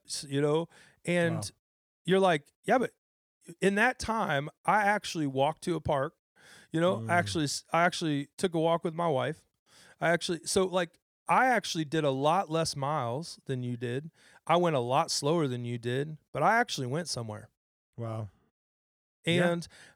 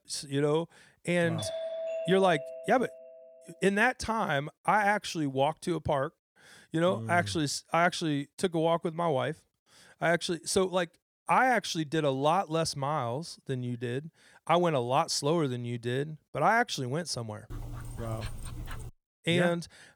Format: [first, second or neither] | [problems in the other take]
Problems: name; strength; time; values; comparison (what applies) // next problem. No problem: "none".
first | doorbell; noticeable; from 1.5 to 3.5 s; peak 6 dB below the speech // dog barking; faint; from 18 to 19 s; peak 10 dB below the speech